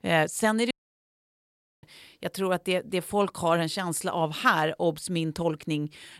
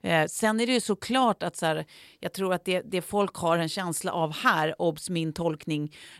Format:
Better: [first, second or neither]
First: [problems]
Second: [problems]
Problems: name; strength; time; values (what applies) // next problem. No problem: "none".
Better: second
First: audio cutting out; at 0.5 s for 1 s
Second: none